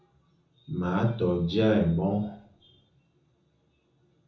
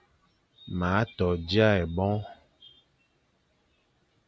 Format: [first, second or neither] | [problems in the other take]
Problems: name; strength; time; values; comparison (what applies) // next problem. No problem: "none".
second | room echo; dies away in 0.6 s